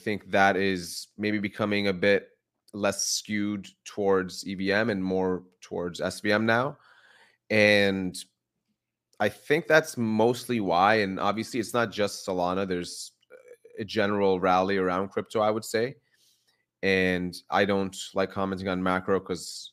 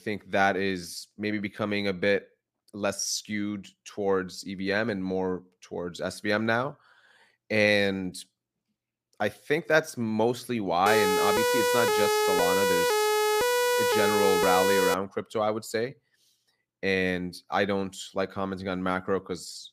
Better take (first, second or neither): first